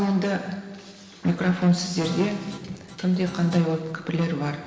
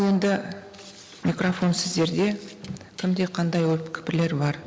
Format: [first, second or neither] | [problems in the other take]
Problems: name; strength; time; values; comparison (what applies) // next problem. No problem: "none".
second | background sound (Guitar); 14 dB below the speech // room echo; dies away in 2 s